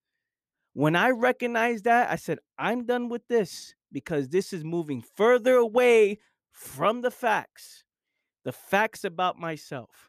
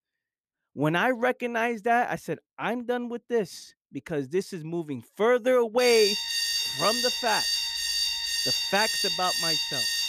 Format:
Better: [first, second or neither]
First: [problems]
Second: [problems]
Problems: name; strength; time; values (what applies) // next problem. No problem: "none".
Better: first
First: none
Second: alarm; loud; from 6 s on; peak 3 dB above the speech